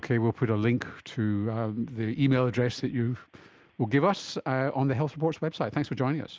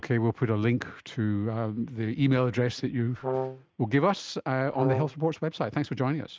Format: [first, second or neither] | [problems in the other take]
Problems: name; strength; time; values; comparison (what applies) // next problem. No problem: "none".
first | noise reduction (neural mask model RNNoise)